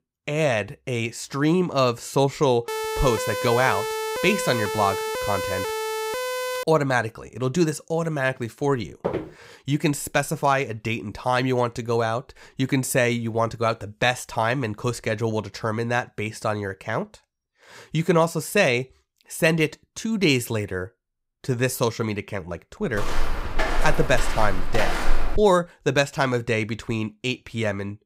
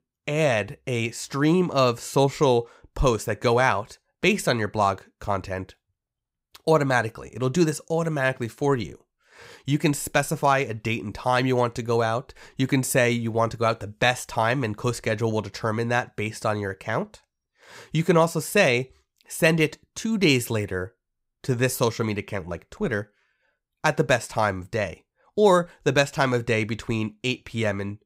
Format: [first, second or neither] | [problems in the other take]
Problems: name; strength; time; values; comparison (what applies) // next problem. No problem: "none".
second | siren; noticeable; from 2.5 to 6.5 s; peak 3 dB below the speech // footsteps; noticeable; at 9 s and from 23 to 25 s; peak 2 dB below the speech